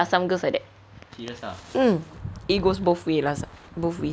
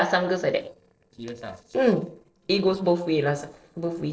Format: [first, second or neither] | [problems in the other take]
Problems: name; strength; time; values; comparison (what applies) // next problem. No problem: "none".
first | noise reduction (neural separator model SepFormer DNS4)